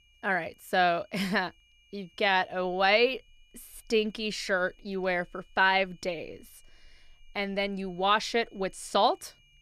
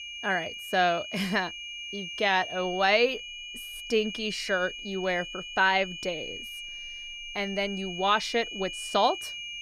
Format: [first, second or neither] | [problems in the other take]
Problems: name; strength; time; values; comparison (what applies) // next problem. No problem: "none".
first | high-pitched whine; loud; throughout; 3 kHz, 9 dB below the speech; faint in the first